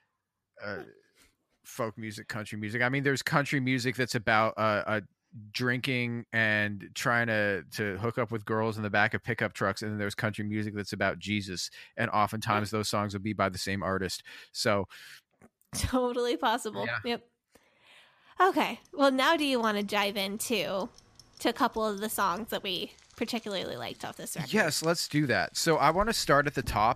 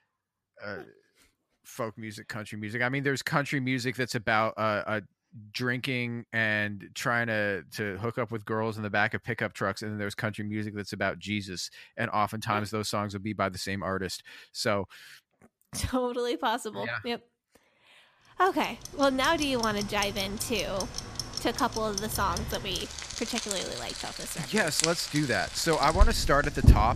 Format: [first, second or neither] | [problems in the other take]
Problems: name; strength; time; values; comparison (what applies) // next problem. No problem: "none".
first | household noises; loud; from 19 s on; 3 dB below the speech; faint in the first